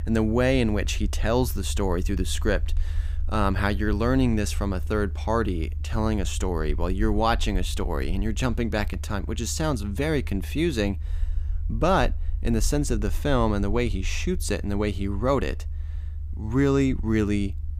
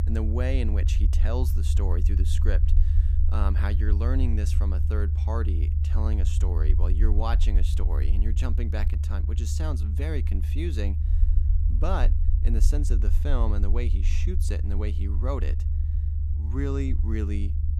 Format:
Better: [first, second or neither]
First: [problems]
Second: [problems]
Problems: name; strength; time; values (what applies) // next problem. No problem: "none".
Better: first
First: low rumble; faint; throughout; 25 dB below the speech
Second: low rumble; loud; throughout; 7 dB below the speech